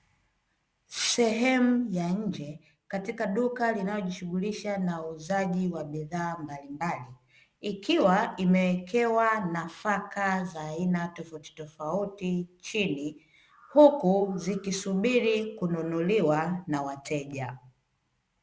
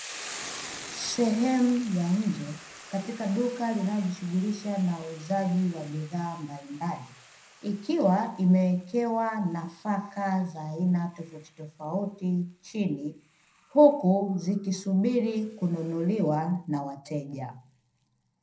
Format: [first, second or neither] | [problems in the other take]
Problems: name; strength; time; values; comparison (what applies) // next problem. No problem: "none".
first | background sound (Boiling / Hiss); 19 dB below the speech // room echo; dies away in 0.2 s